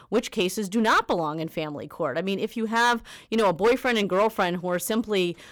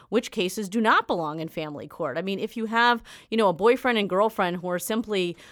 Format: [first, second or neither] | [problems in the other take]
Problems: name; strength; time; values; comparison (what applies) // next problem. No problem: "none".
second | distortion; slight; 5% of the sound clipped